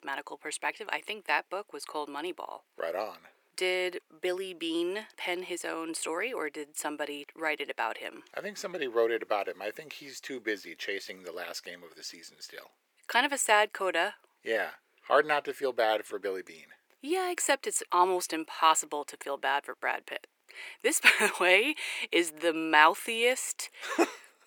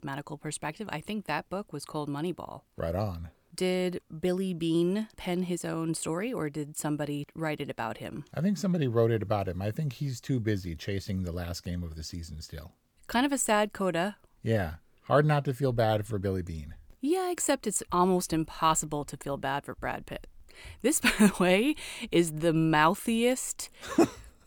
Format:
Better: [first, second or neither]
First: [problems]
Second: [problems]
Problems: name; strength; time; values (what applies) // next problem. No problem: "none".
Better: second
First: thin; very; fading below 400 Hz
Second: none